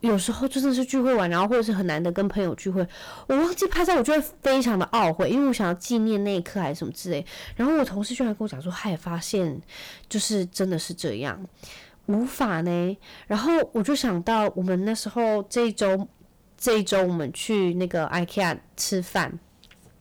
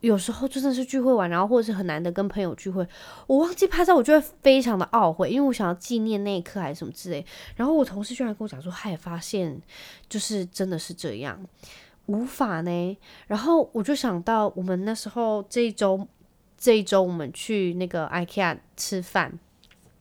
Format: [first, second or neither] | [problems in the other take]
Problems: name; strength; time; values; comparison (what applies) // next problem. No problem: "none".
second | distortion; heavy; 10% of the sound clipped